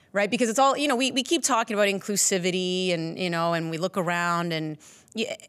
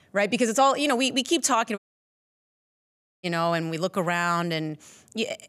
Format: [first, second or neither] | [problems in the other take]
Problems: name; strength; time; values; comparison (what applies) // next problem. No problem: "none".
first | audio cutting out; at 2 s for 1.5 s